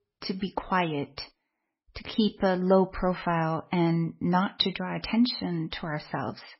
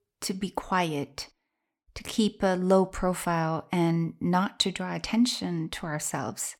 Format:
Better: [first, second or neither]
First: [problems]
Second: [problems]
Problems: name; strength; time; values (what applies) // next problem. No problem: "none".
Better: second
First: garbled, watery; badly; nothing above 5.5 kHz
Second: none